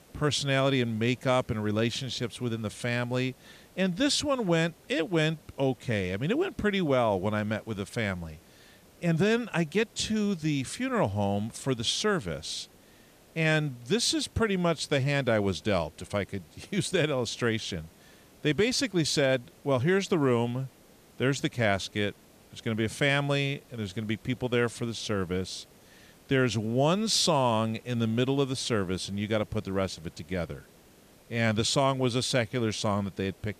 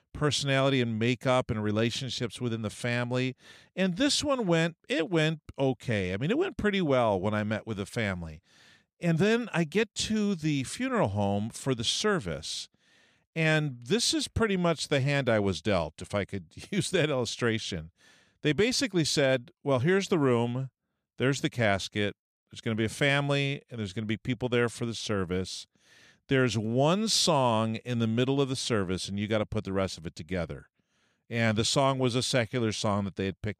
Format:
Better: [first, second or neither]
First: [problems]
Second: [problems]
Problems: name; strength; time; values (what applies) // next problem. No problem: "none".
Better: second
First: hiss; faint; throughout; 30 dB below the speech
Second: none